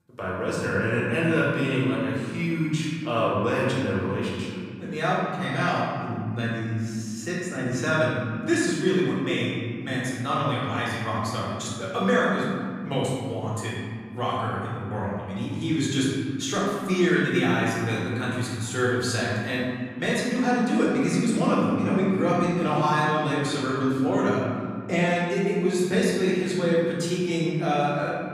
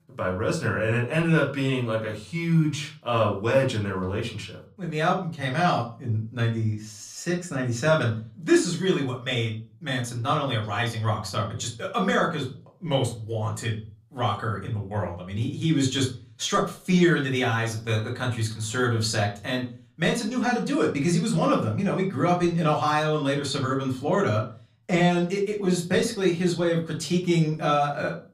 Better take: second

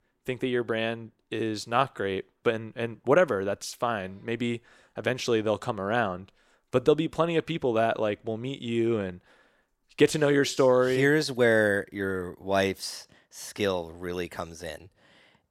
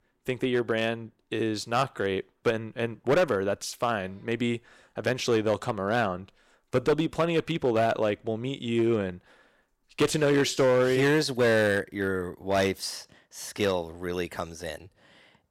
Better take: first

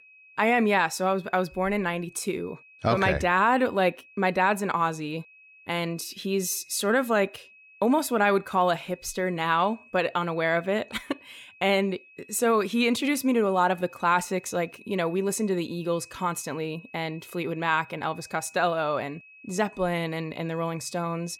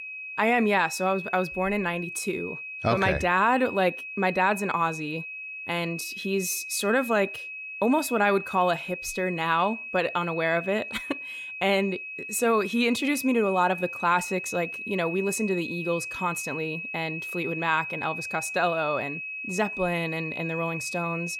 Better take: first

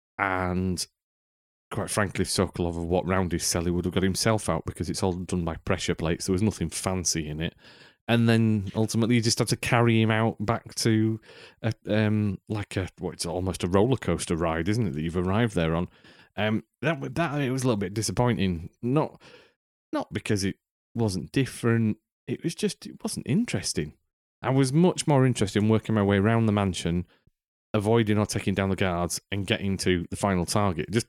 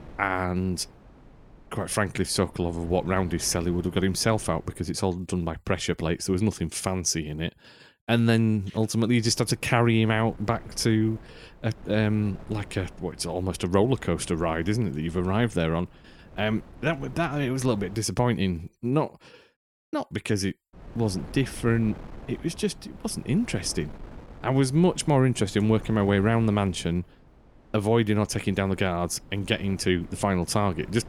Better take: first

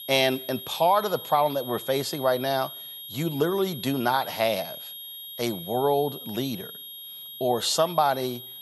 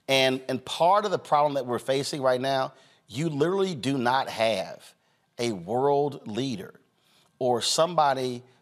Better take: second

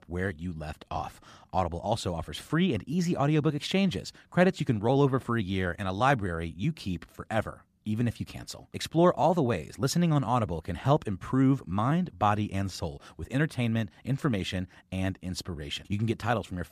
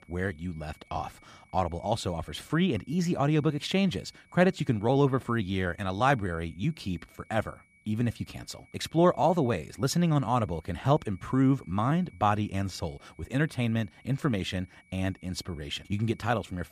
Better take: first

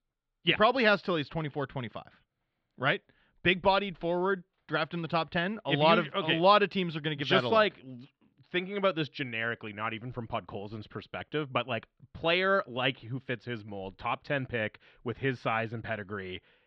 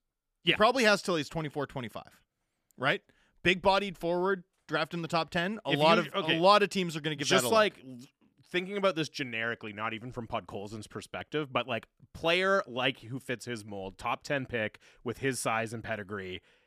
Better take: second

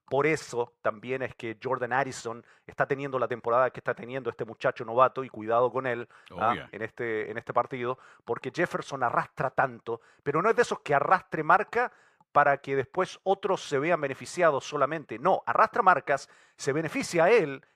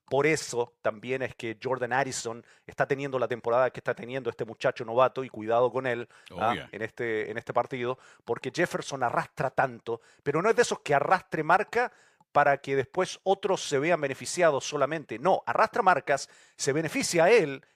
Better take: second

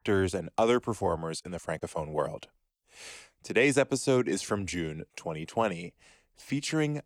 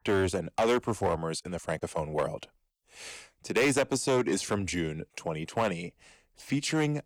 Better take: first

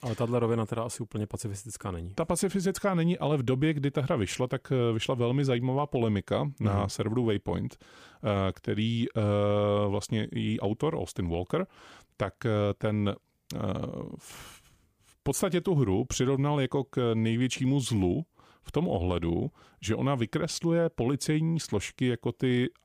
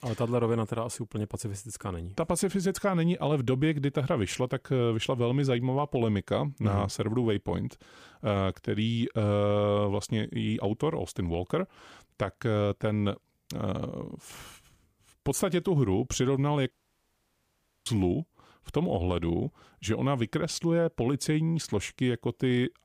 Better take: first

